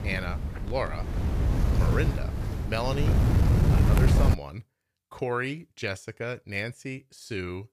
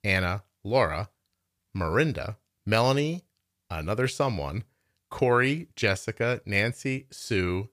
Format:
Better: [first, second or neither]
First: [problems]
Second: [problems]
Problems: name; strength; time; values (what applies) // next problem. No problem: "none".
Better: second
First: wind noise on the microphone; heavy; until 4.5 s; 2 dB below the speech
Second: none